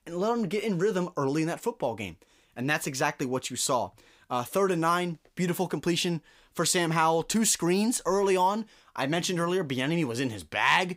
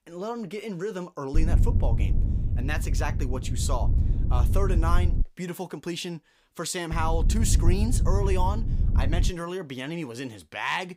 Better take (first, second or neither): first